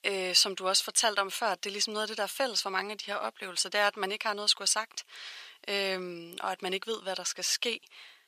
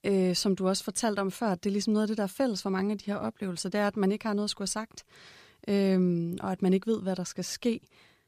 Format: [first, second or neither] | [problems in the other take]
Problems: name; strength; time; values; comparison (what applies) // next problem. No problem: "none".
second | thin; very; fading below 750 Hz